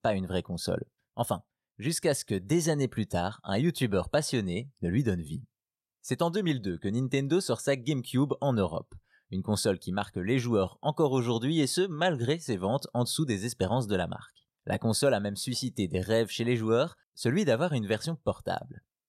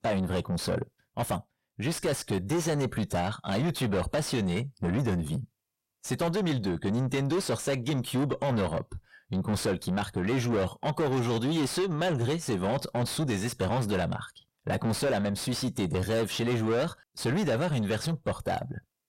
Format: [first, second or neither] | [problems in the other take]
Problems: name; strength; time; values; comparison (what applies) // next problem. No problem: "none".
first | distortion; heavy; 6 dB below the speech